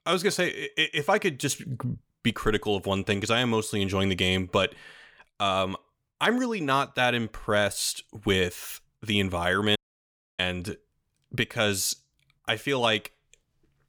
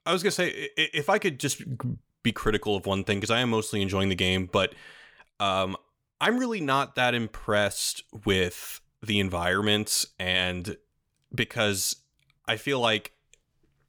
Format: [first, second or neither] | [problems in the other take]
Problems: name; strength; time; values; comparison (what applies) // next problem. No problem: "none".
second | audio cutting out; at 10 s for 0.5 s